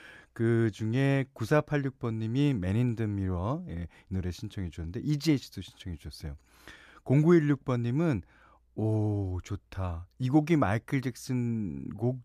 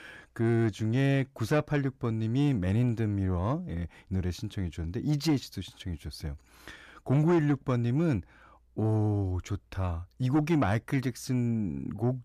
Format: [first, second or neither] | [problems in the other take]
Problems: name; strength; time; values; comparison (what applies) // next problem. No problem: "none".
first | distortion; slight; 10 dB below the speech